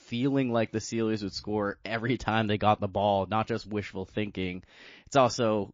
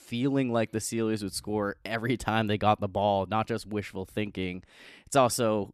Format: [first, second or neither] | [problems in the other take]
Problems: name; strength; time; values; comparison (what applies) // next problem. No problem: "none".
second | garbled, watery; slightly